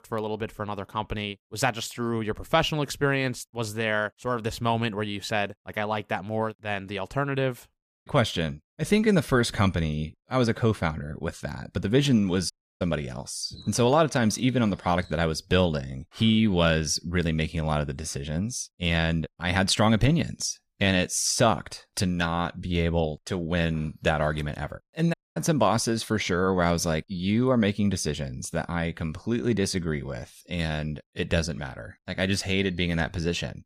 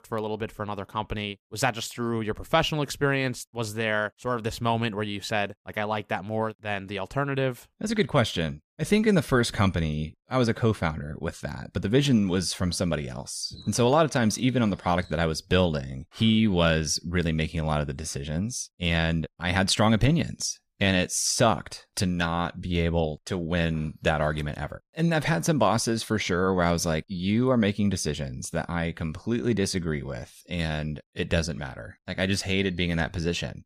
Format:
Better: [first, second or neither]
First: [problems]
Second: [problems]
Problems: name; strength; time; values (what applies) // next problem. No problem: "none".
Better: second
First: audio cutting out; at 8 s, at 13 s and at 25 s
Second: none